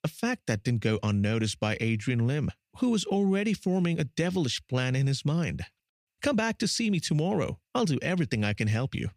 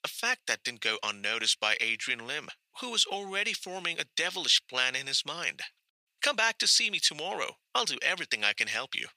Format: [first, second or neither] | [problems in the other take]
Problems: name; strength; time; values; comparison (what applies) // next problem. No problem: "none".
first | thin; very; fading below 950 Hz